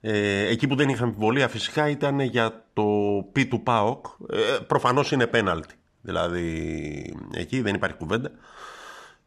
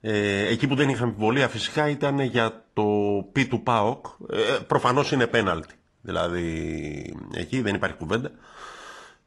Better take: first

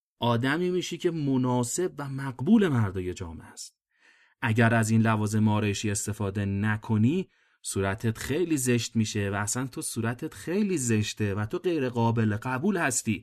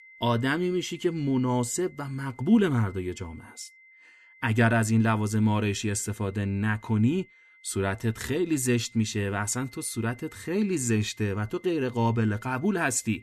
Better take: first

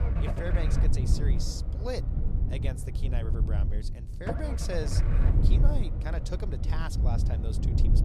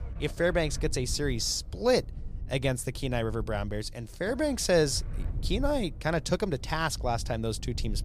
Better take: second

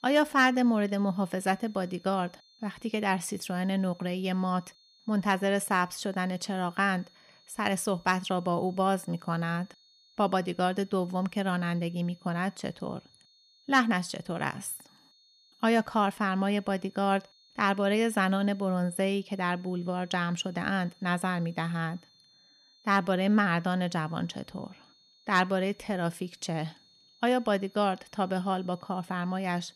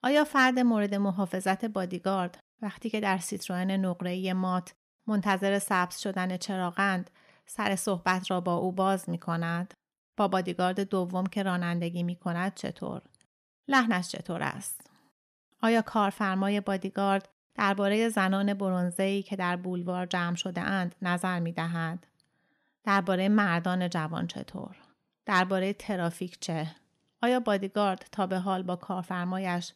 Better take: second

